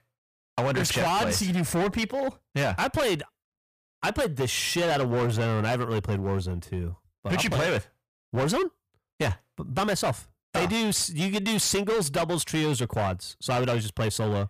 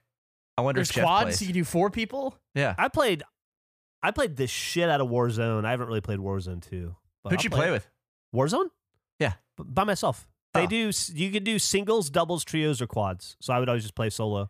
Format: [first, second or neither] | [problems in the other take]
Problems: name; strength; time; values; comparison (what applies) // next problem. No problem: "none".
second | distortion; heavy; 19% of the sound clipped